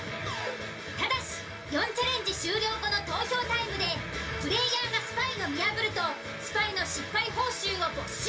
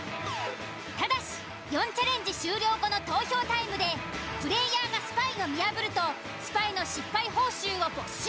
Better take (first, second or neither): second